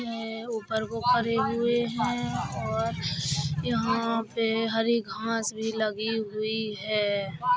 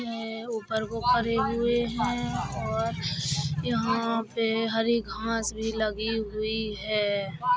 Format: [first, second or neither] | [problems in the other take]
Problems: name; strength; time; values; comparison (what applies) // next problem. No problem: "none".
first | background sound (Bowed string instrument); 18 dB below the speech